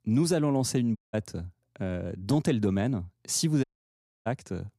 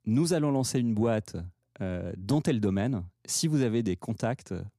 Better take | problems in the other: second | audio cutting out; at 1 s and at 3.5 s for 0.5 s

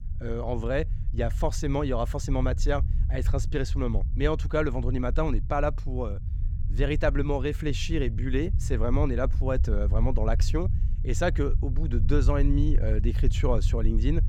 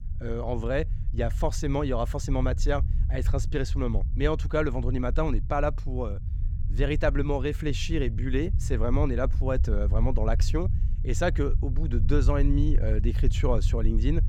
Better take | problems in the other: neither | low rumble; noticeable; throughout; 15 dB below the speech; the same in both

